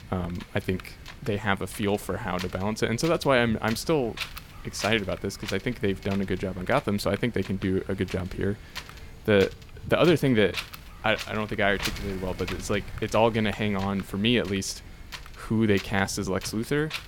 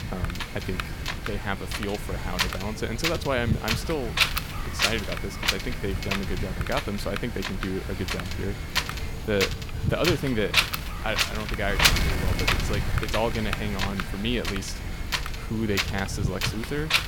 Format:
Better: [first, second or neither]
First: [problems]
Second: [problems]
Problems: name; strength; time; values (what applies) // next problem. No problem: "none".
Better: first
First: wind noise on the microphone; occasional gusts; 15 dB below the speech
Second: wind noise on the microphone; heavy; 4 dB above the speech